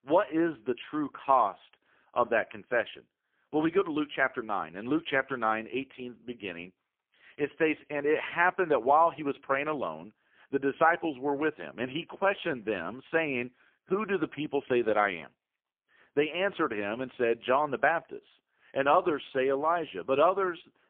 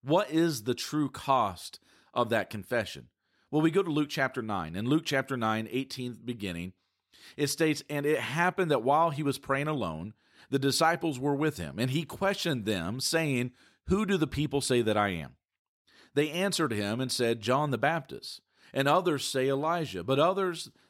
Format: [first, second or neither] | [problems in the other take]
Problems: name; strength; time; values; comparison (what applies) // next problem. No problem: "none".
second | phone-call audio; poor line; nothing above 3 kHz